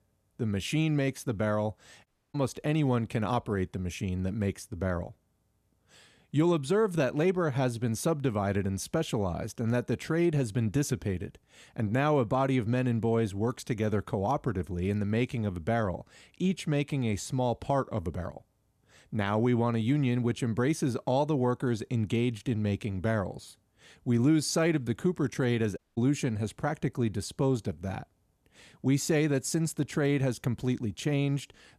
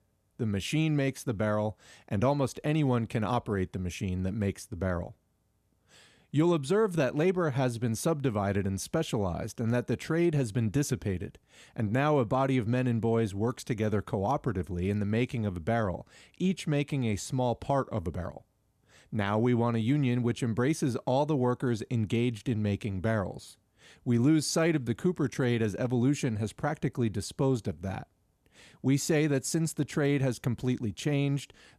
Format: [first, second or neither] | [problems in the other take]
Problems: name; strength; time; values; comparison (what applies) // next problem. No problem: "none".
second | audio cutting out; at 2 s and at 26 s